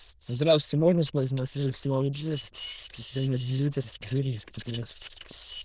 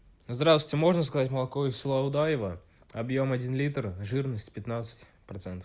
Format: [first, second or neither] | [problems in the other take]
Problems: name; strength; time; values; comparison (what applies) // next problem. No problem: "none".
second | noise reduction (neural diffusion model UNIVERSE++)